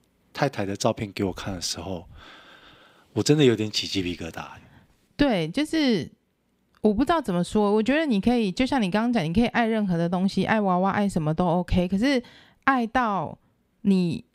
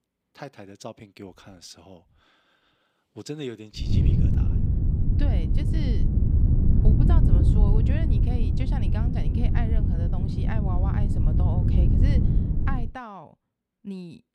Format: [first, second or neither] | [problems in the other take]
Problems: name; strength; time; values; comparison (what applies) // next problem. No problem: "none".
first | wind noise on the microphone; heavy; from 4 to 13 s; 3 dB above the speech